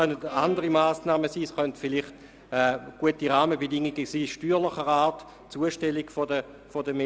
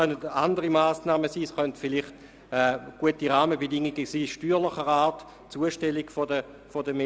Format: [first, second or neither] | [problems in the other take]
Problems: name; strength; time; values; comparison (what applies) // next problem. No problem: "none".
second | background sound (Bowed string instrument); 18 dB below the speech